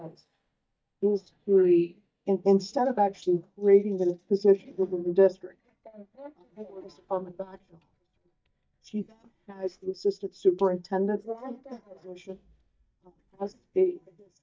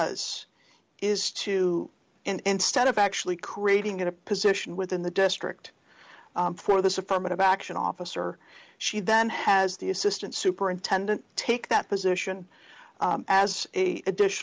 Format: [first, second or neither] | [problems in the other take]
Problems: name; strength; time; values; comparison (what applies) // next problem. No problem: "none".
second | noise reduction (neural mask model DeepFilterNet 3)